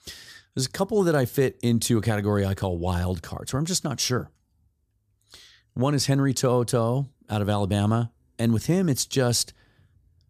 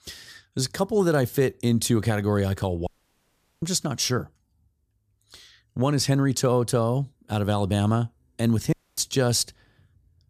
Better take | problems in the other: first | audio cutting out; at 3 s for 1 s and at 8.5 s

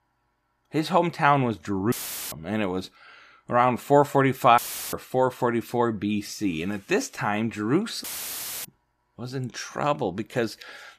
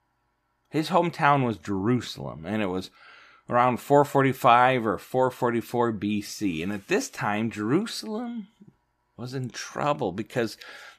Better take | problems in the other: second | audio cutting out; filled with static; at 2 s, at 4.5 s and at 8 s for 0.5 s

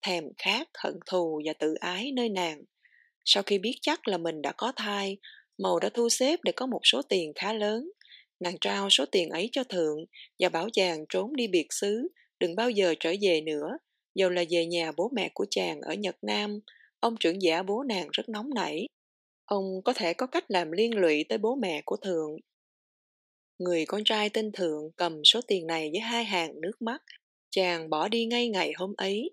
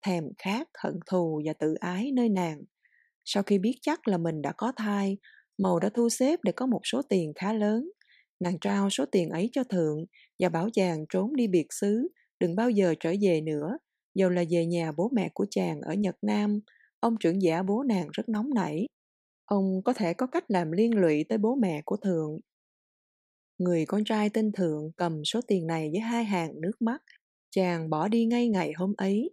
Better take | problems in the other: second | thin; somewhat; fading below 400 Hz

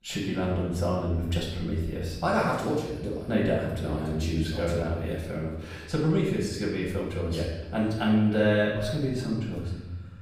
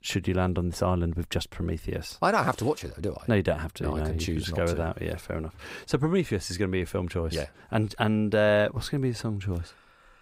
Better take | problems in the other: second | off-mic speech; far // room echo; noticeable; dies away in 1.1 s

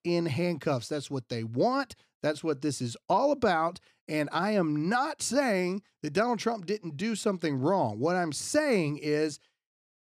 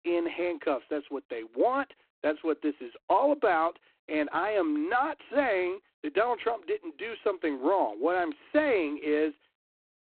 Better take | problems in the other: first | phone-call audio; poor line; nothing above 4 kHz

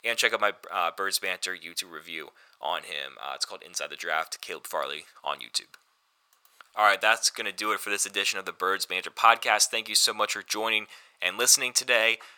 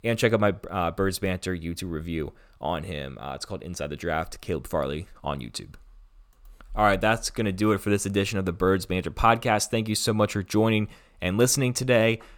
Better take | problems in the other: second | thin; very; fading below 950 Hz

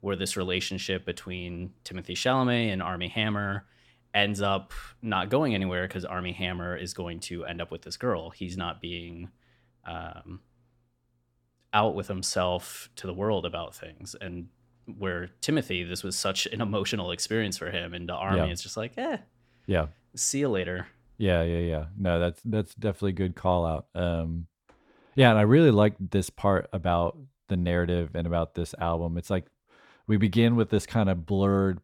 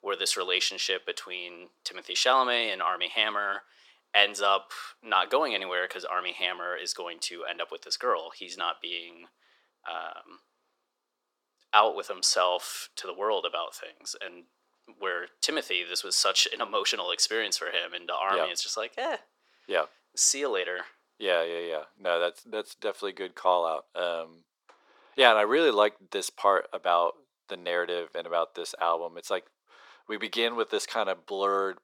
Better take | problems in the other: first | thin; very; fading below 400 Hz

